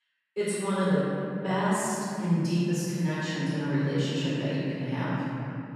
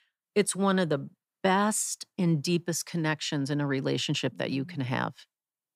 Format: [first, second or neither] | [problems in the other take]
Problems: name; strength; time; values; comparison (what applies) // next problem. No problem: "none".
second | off-mic speech; far // room echo; strong; dies away in 3 s